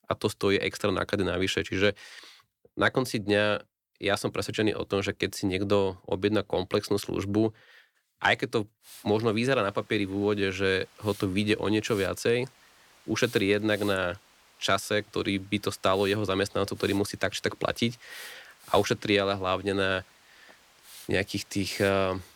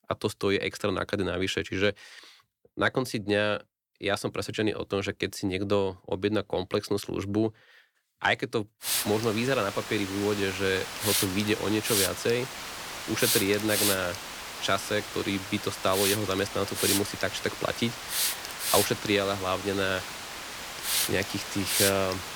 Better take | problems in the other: first | hiss; loud; from 9 s on; 1 dB below the speech; faint in the first

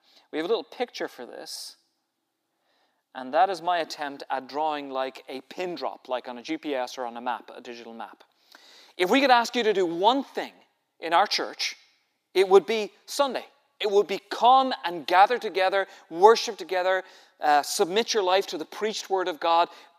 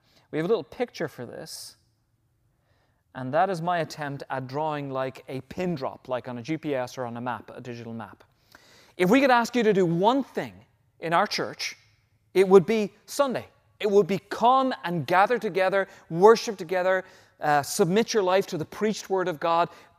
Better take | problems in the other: second | thin; somewhat; fading below 300 Hz

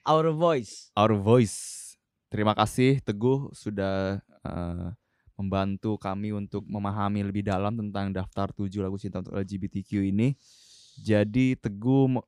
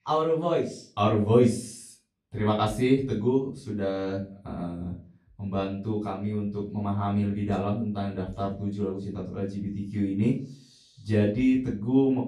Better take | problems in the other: first | off-mic speech; far // room echo; slight; dies away in 0.3 s

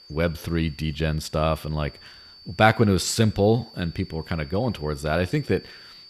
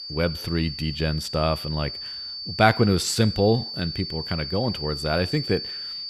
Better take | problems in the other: first | high-pitched whine; loud; throughout; 4.5 kHz, 7 dB below the speech; faint in the first

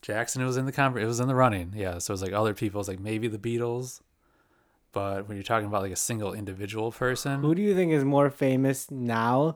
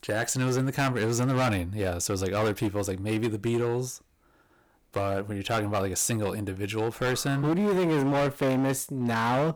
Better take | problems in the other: first | distortion; heavy; 15% of the sound clipped

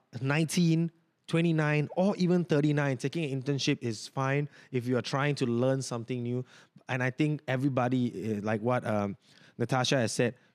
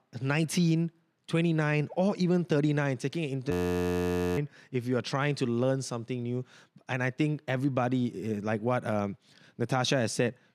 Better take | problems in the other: first | audio freezing; at 3.5 s for 1 s

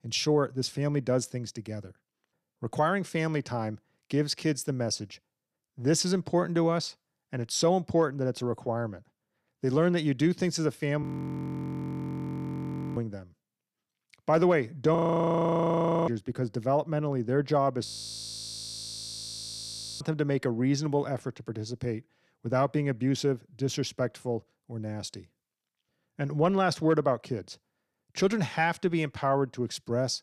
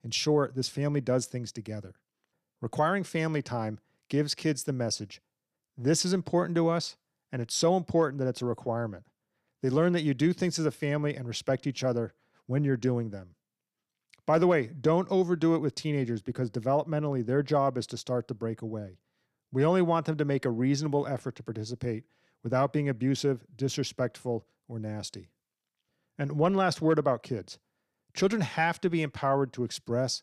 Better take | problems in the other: second | audio freezing; at 11 s for 2 s, at 15 s for 1 s and at 18 s for 2 s

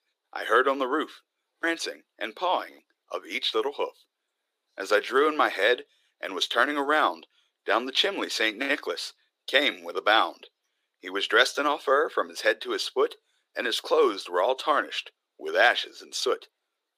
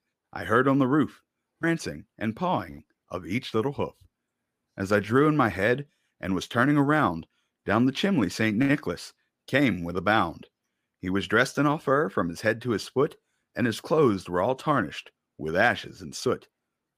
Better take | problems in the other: second | thin; very; fading below 400 Hz

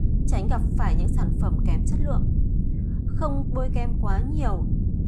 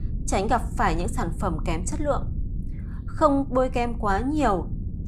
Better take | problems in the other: second | low rumble; loud; throughout; 4 dB below the speech; faint in the second

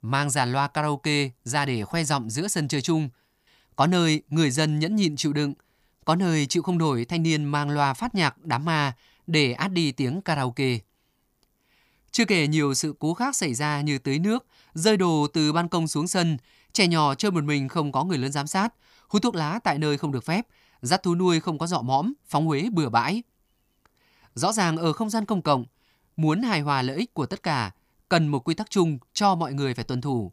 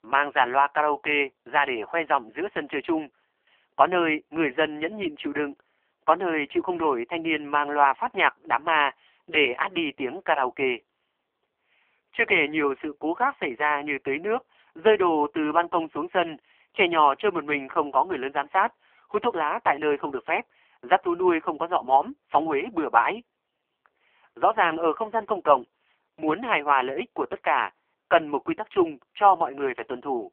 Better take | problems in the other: first | phone-call audio; poor line; nothing above 3 kHz

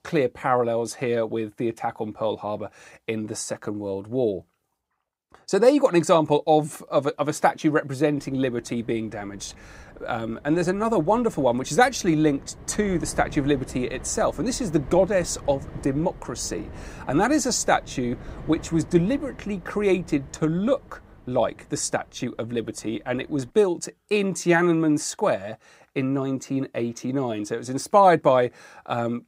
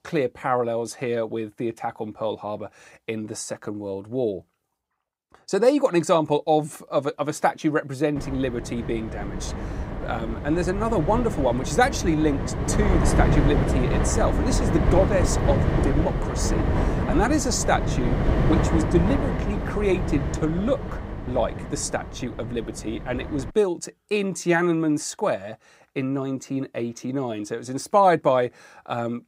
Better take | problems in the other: first | wind noise on the microphone; heavy; from 8 to 24 s; 5 dB below the speech; occasional gusts in the first

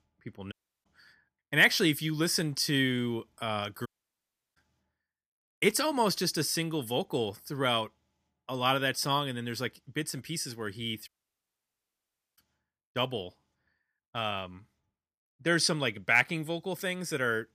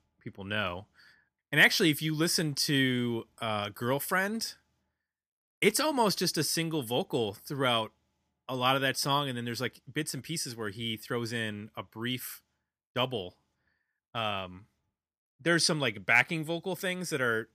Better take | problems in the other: second | audio cutting out; at 0.5 s, at 4 s for 0.5 s and at 11 s for 1.5 s

